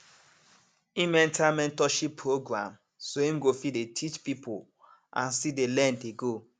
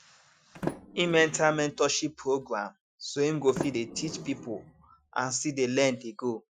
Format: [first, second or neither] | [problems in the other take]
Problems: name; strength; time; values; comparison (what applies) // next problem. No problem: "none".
first | noise reduction (classical method Wiener filter)